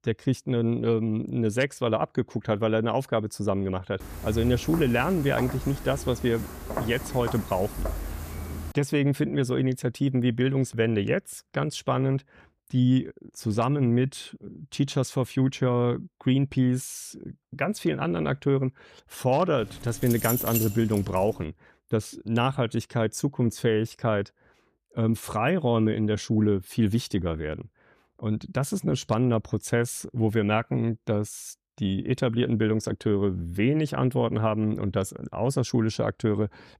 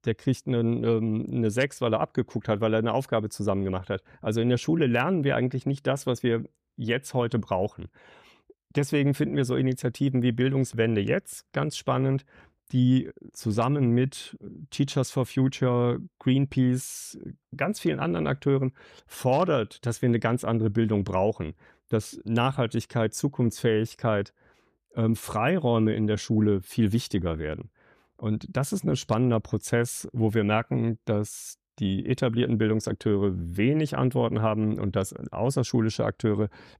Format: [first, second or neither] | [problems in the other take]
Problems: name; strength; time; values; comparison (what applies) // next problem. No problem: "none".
second | footsteps; noticeable; from 4 to 8.5 s; peak 7 dB below the speech // jangling keys; noticeable; from 20 to 21 s; peak 1 dB below the speech